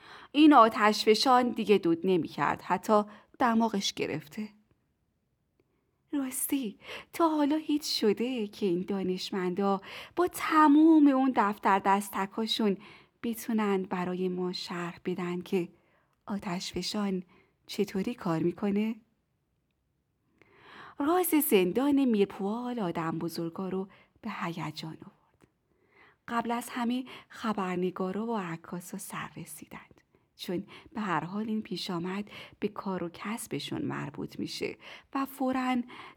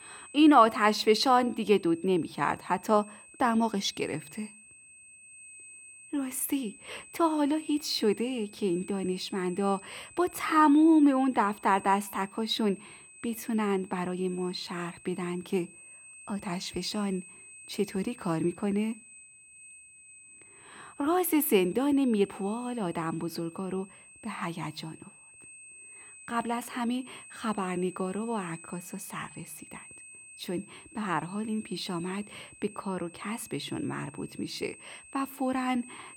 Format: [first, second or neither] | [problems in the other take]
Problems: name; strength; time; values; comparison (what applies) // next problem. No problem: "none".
first | high-pitched whine; noticeable; throughout; 8 kHz, 20 dB below the speech